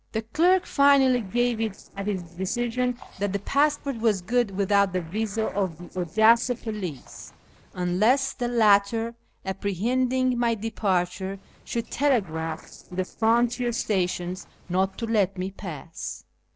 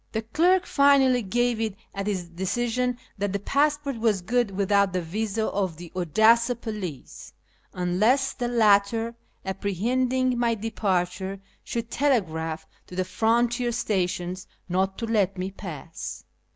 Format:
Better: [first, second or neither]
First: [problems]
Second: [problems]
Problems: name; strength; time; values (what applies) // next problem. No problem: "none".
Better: second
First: noise reduction (neural separator model SepFormer DNS4)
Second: none